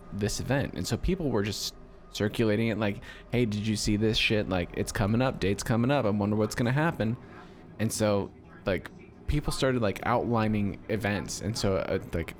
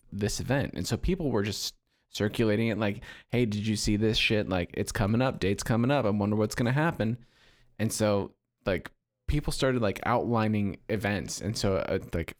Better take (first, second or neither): second